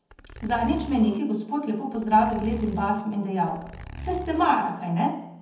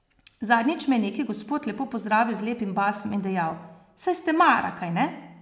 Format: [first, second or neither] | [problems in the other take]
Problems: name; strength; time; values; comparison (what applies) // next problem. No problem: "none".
second | background sound (Zipper (clothing)); 14 dB below the speech // room echo; dies away in 0.7 s